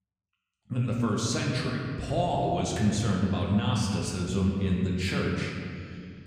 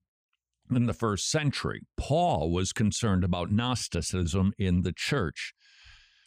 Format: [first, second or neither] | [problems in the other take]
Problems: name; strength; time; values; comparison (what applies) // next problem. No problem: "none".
second | room echo; noticeable; dies away in 2.1 s // off-mic speech; somewhat distant